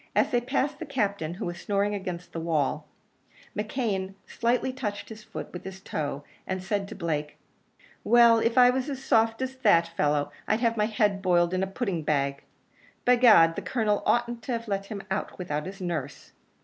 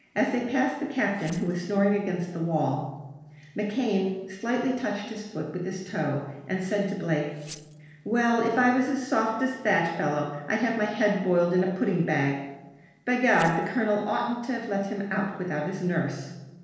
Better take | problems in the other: first | noise reduction (neural separator model SepFormer DNS4)

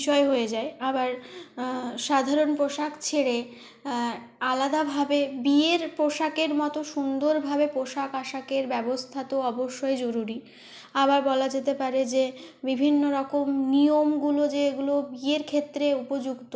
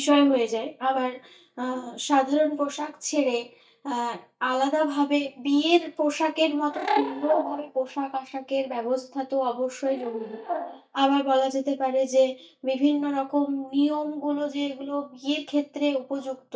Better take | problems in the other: first | noise reduction (neural mask model DeepFilterNet 3)

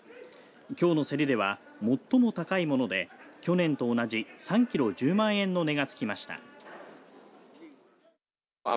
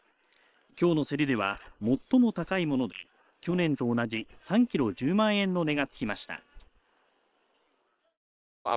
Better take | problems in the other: first | noise reduction (neural separator model SepFormer WHAM!)

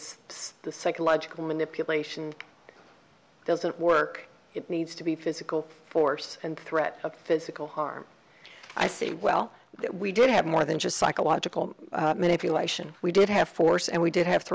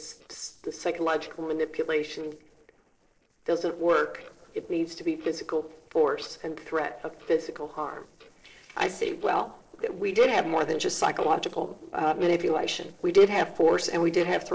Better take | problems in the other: first | noise reduction (neural separator model SepFormer DNS4)

